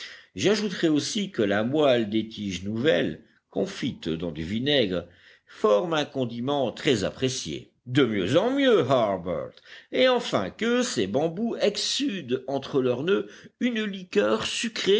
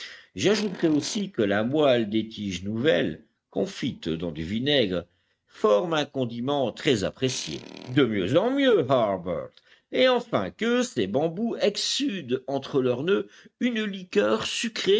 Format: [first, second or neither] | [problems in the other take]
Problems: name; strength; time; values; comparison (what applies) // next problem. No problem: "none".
first | noise reduction (neural mask model RNNoise)